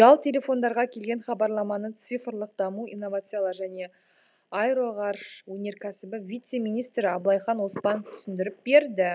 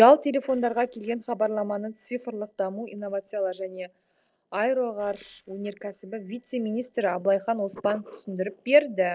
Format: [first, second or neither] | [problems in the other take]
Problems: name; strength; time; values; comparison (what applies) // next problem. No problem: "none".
first | noise reduction (neural separator model SepFormer DNS4)